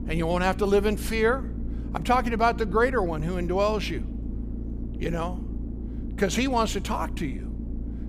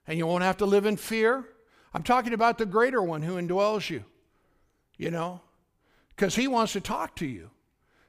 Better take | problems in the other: second | low rumble; noticeable; throughout; 20 dB below the speech

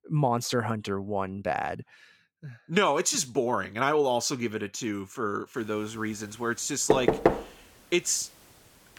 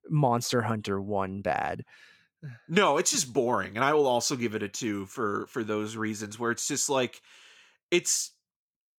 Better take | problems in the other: second | door banging; loud; at 7 s; peak 4 dB above the speech

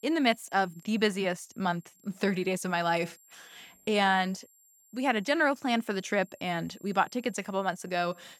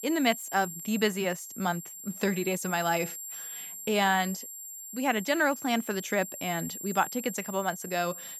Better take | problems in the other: first | high-pitched whine; loud; throughout; 7.5 kHz, 9 dB below the speech; faint in the first

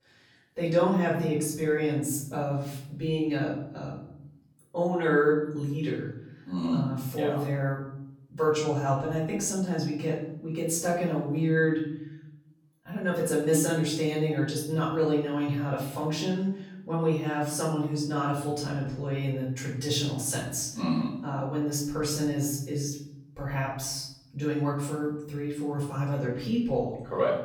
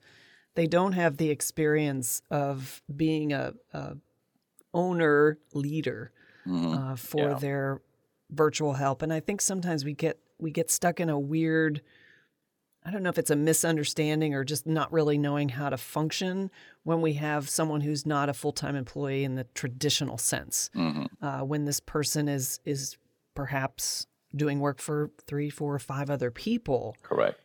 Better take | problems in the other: second | off-mic speech; far // room echo; noticeable; dies away in 0.8 s

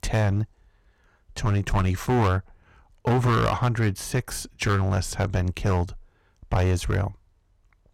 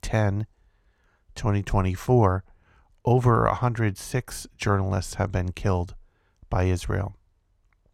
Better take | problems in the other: second | distortion; heavy; 8% of the sound clipped

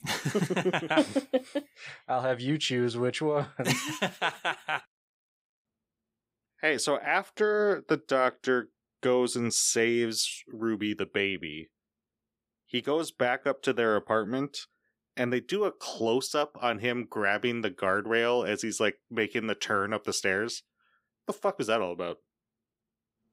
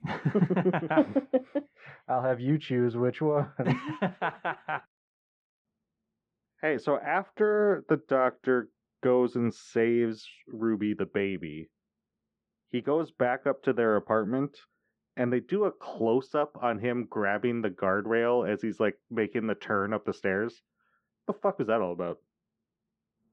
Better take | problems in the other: first | muffled; very; fading above 1.5 kHz

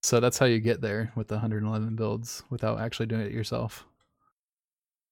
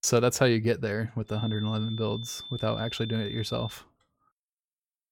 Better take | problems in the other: first | high-pitched whine; noticeable; from 1.5 to 3.5 s; 3.5 kHz, 10 dB below the speech

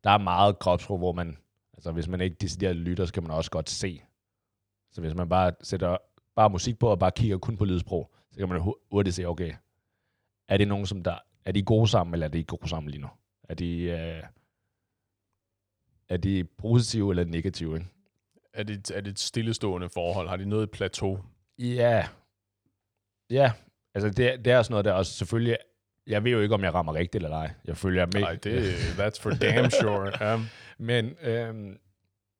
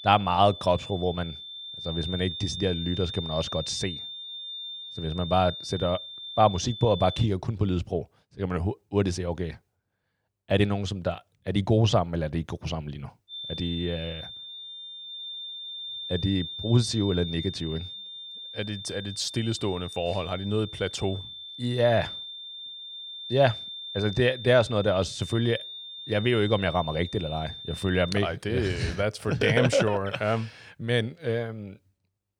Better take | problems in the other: first | high-pitched whine; loud; until 7.5 s and from 13 to 28 s; 3.5 kHz, 9 dB below the speech

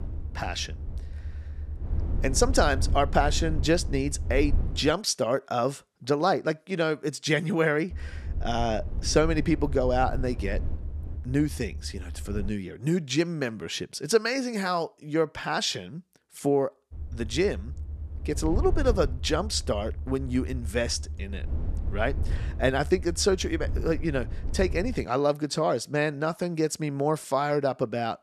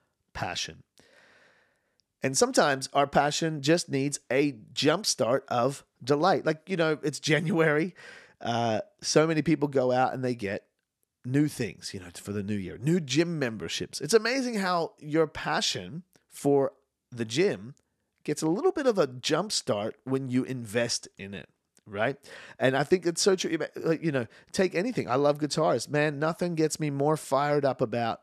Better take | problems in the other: second | low rumble; faint; until 5 s, from 8 to 12 s and from 17 to 25 s; 20 dB below the speech

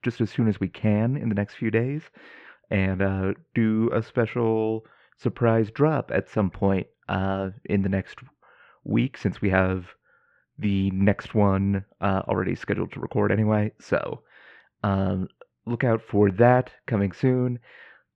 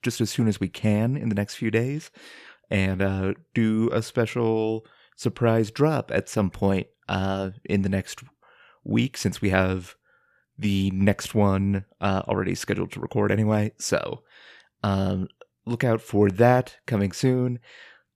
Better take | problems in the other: second | muffled; very; fading above 2 kHz

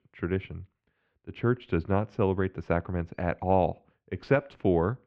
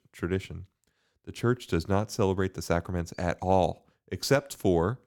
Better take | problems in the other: second | muffled; very; fading above 2.5 kHz

